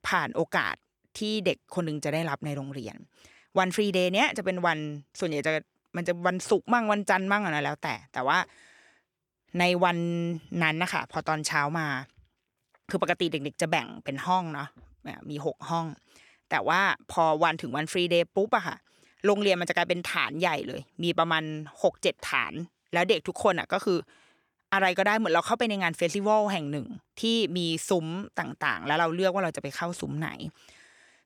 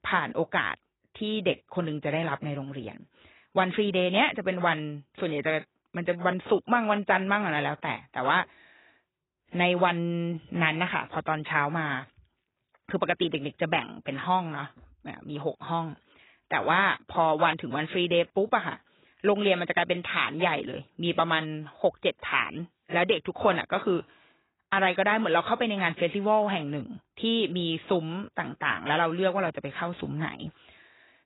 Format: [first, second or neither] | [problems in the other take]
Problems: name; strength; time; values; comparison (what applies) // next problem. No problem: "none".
first | garbled, watery; badly; nothing above 4 kHz